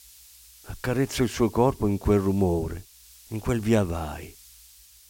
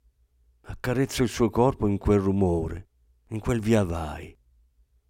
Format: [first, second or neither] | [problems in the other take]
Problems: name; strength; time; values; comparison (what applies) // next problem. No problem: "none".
second | hiss; faint; throughout; 25 dB below the speech